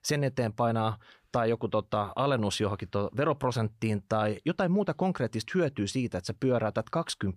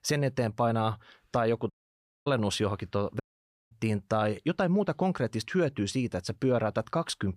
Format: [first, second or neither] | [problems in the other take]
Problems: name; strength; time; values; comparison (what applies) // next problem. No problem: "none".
first | audio cutting out; at 1.5 s for 0.5 s and at 3 s for 0.5 s